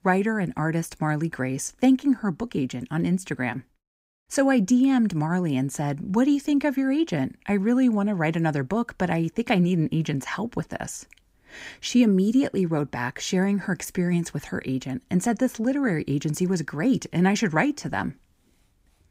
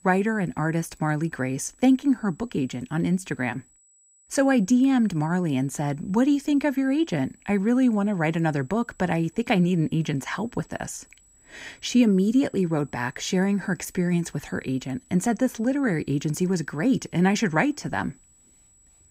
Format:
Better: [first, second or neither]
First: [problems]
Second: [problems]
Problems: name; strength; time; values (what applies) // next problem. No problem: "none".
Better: first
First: none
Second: high-pitched whine; faint; throughout; 8 kHz, 30 dB below the speech